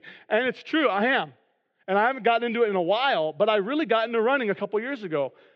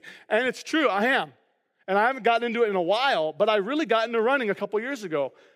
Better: second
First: muffled; slightly; fading above 3.5 kHz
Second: none

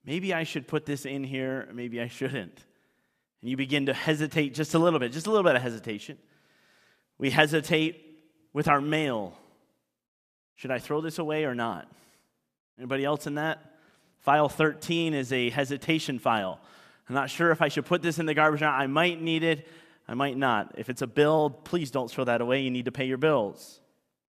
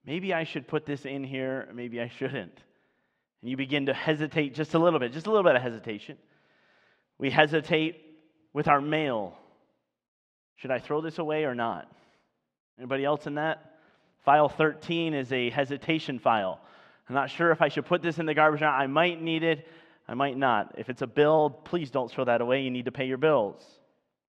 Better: first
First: none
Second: muffled; slightly; fading above 3 kHz

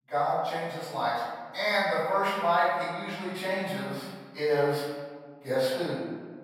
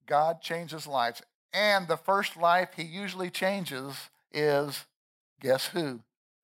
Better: second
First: off-mic speech; far // room echo; strong; dies away in 1.5 s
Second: none

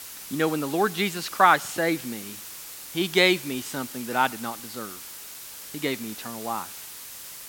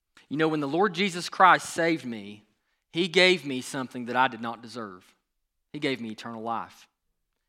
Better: second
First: hiss; noticeable; throughout; 10 dB below the speech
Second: none

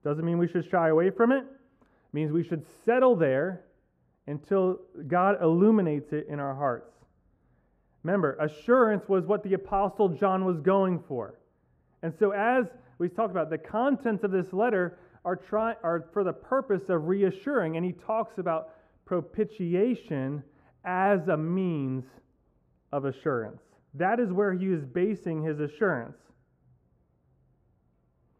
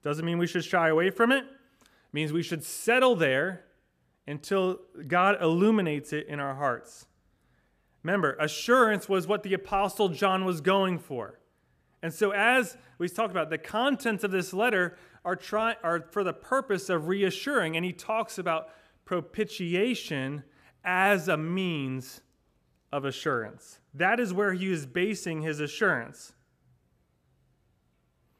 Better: second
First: muffled; very; fading above 2 kHz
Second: none

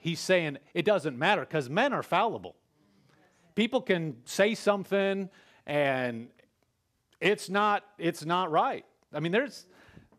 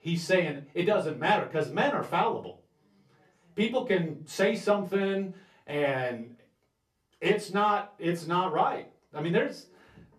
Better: first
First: none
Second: off-mic speech; far // room echo; very slight; dies away in 0.2 s

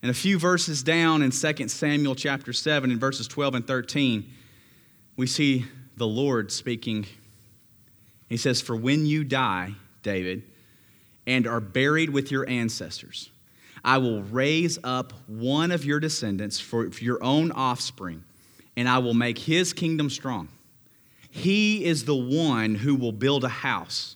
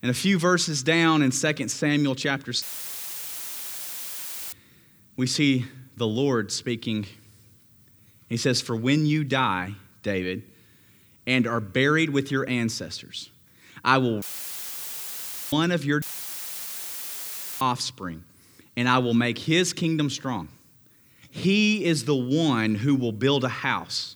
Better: first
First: none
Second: audio cutting out; filled with static; at 2.5 s for 2 s, at 14 s for 1.5 s and at 16 s for 1.5 s

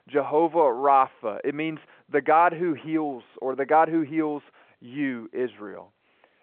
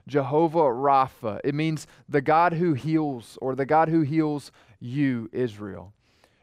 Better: second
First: phone-call audio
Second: none

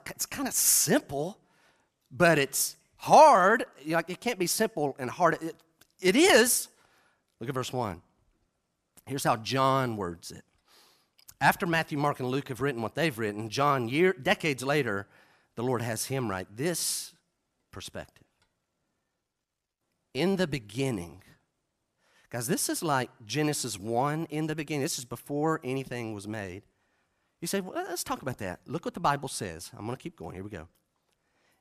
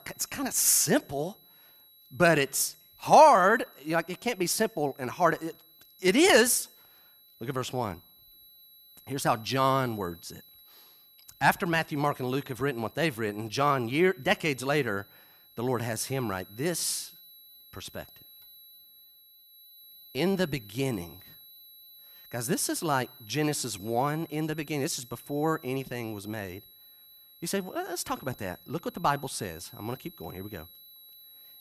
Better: first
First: none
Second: high-pitched whine; faint; throughout; 4 kHz, 25 dB below the speech

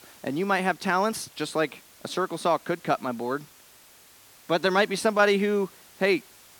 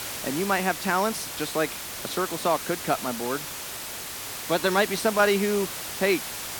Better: first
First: hiss; faint; throughout; 25 dB below the speech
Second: hiss; loud; throughout; 6 dB below the speech

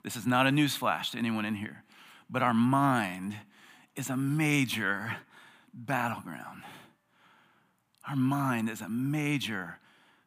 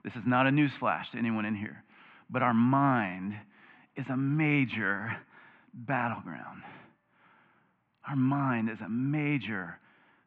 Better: first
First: none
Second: muffled; very; fading above 2.5 kHz

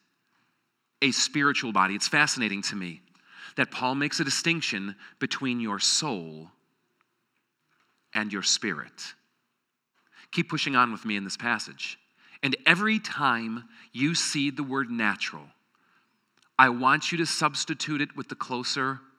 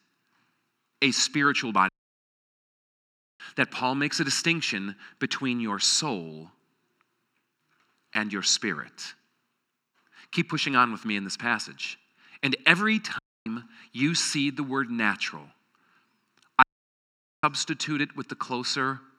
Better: first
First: none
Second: audio cutting out; at 2 s for 1.5 s, at 13 s and at 17 s for 1 s

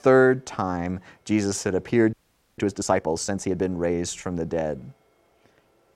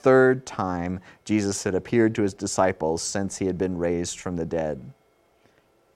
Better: second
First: audio freezing; at 2 s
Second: none

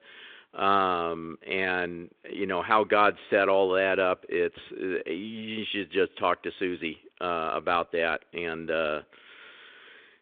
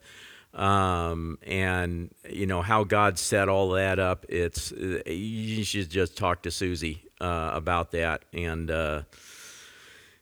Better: second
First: phone-call audio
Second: none

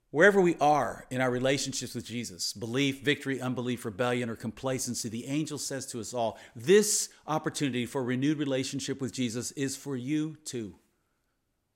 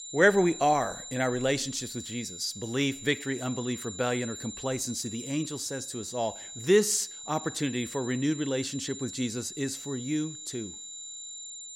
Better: first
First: none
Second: high-pitched whine; loud; throughout; 7 kHz, 10 dB below the speech

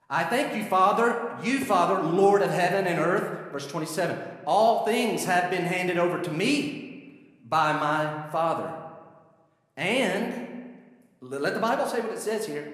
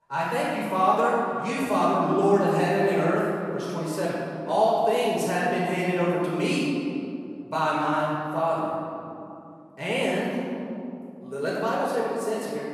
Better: first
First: room echo; slight; dies away in 1 s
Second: room echo; strong; dies away in 2.5 s // off-mic speech; far

